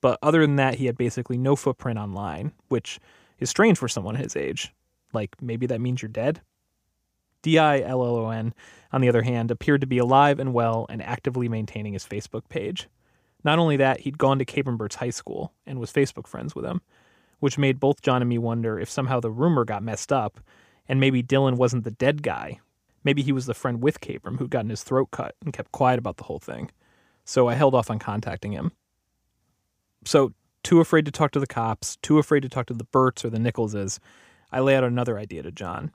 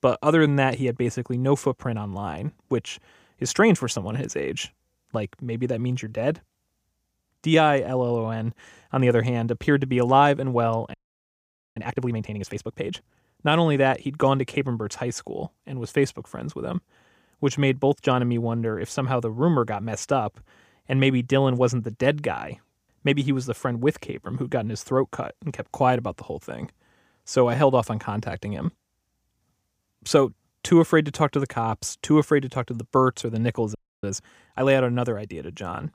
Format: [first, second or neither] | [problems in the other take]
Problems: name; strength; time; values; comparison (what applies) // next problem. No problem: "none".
first | audio freezing; at 11 s for 1 s and at 34 s